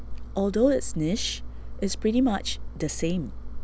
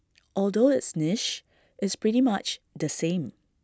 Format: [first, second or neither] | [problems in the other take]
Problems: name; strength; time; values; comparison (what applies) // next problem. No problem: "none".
second | background sound (Engine); 6 dB below the speech